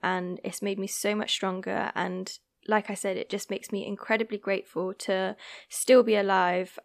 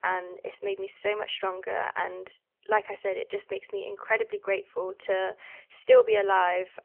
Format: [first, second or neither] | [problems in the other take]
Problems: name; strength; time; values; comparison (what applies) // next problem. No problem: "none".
first | phone-call audio; nothing above 3 kHz